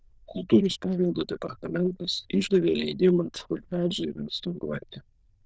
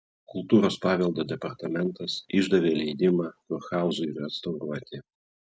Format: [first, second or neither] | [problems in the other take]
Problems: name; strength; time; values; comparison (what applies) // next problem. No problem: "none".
second | noise reduction (neural diffusion model UNIVERSE++)